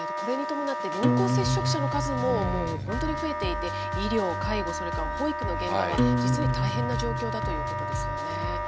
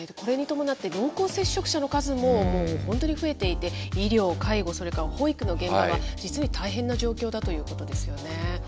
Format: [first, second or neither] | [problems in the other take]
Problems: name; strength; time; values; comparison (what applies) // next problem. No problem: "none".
second | background sound (Wind instrument, woodwind instrument + Acoustic guitar); 2 dB above the speech